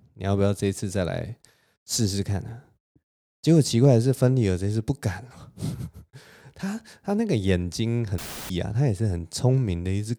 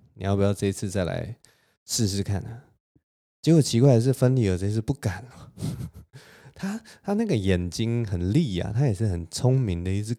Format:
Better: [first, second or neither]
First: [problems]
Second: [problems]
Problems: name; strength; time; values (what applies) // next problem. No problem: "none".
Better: second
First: audio cutting out; filled with static; at 8 s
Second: none